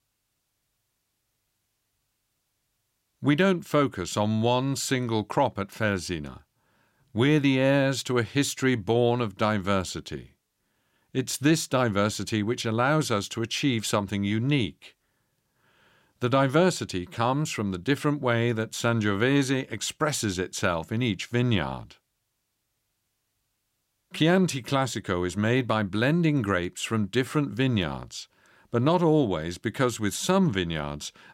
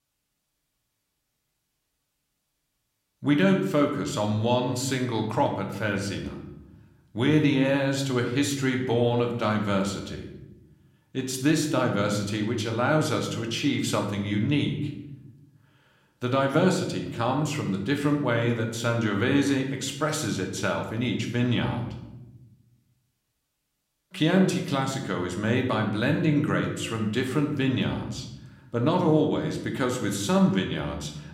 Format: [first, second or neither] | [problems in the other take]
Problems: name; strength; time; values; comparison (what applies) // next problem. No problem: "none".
first | room echo; slight; dies away in 0.8 s